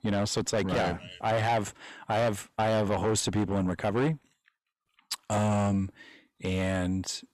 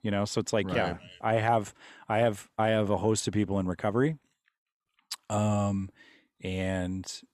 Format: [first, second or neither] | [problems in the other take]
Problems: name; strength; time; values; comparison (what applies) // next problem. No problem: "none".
second | distortion; heavy; 7 dB below the speech